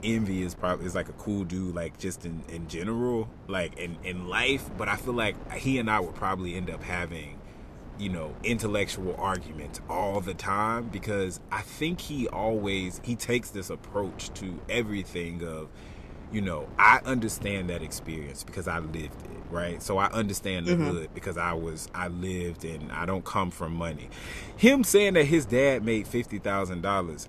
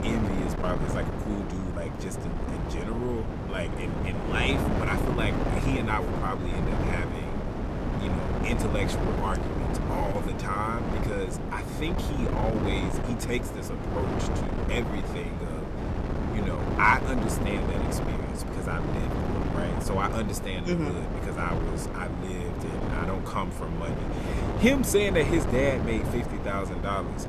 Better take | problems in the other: first | wind noise on the microphone; heavy; 3 dB below the speech; occasional gusts in the first

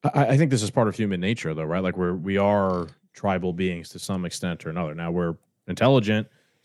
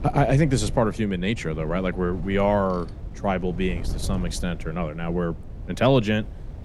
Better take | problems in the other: first | wind noise on the microphone; occasional gusts; 20 dB below the speech

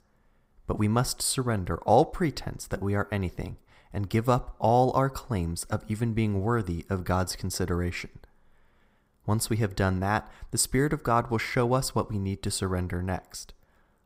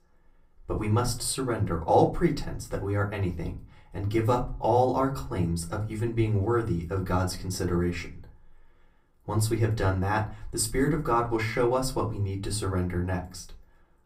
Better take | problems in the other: first | off-mic speech; far // room echo; very slight; dies away in 0.3 s

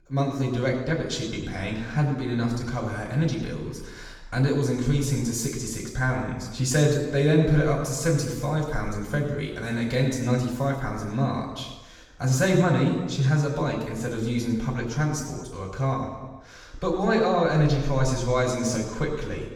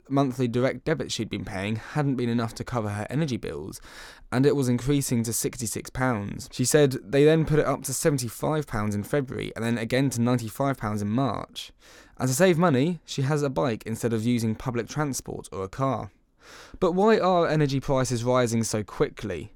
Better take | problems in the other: second | room echo; noticeable; dies away in 1.1 s // off-mic speech; far

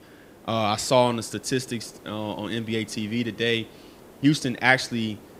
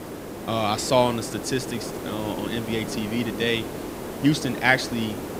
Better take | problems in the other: first | hiss; loud; throughout; 8 dB below the speech; faint in the first

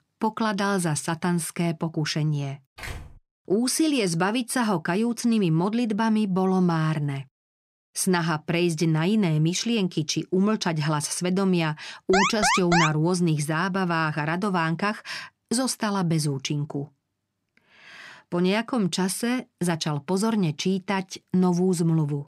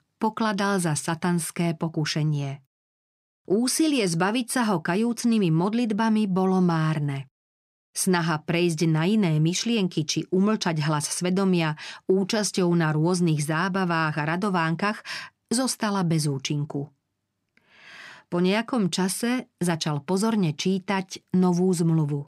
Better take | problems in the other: second | door banging; faint; at 3 s; peak 15 dB below the speech // alarm; loud; at 12 s; peak 3 dB above the speech

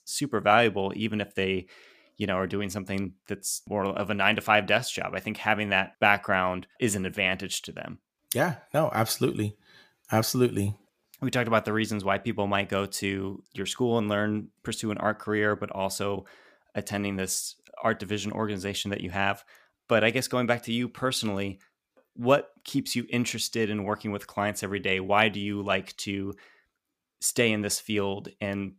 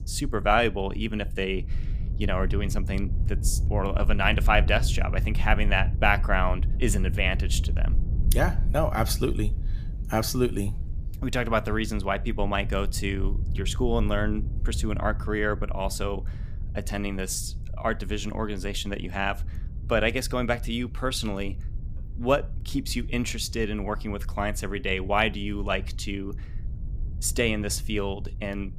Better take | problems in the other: first | low rumble; faint; throughout; 20 dB below the speech

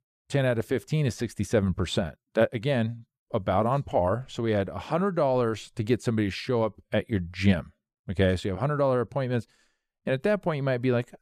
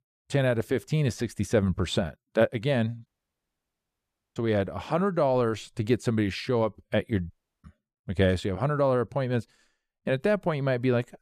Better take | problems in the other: first | audio cutting out; at 3 s for 1.5 s and at 7.5 s

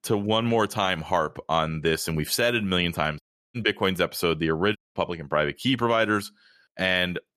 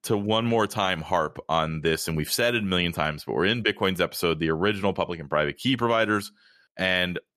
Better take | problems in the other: second | audio cutting out; at 3 s and at 5 s

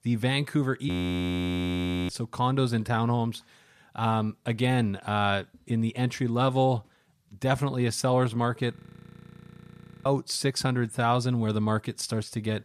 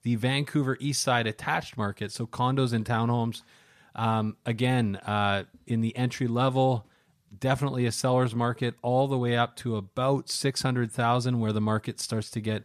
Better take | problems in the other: second | audio freezing; at 1 s for 1 s and at 9 s for 1.5 s

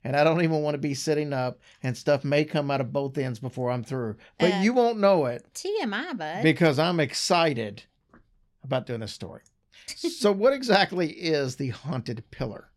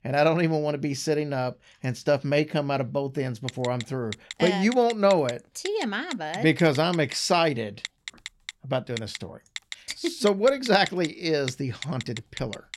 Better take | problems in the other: first | phone ringing; faint; from 3.5 s on; peak 10 dB below the speech

